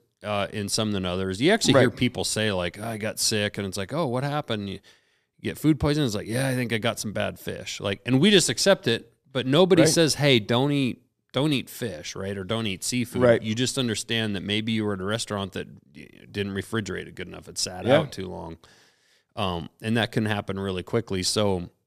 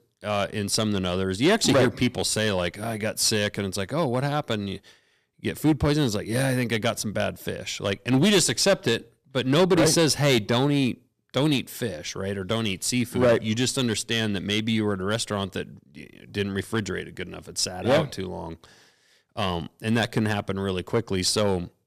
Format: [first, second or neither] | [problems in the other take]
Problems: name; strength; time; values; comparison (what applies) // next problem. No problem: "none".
first | distortion; slight; 3% of the sound clipped